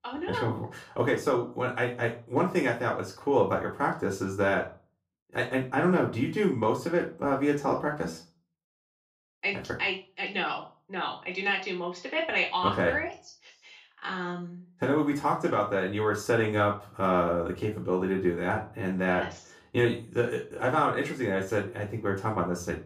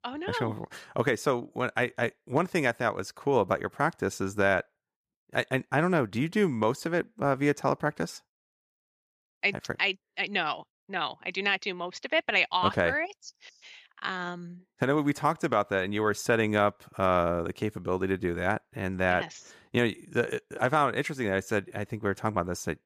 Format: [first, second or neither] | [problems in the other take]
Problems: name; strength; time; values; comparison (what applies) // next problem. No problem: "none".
second | off-mic speech; far // room echo; slight; dies away in 0.3 s